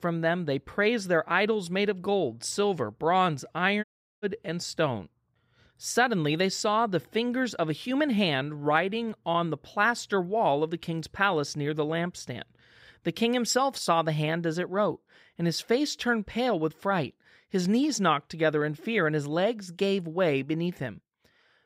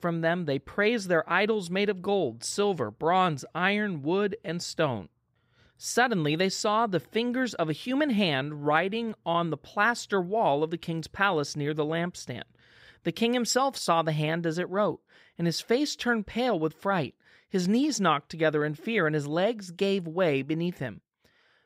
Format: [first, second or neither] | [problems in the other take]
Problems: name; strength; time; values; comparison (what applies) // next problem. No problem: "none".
second | audio cutting out; at 4 s